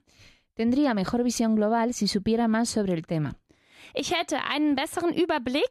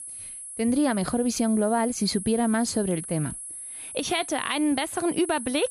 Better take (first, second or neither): first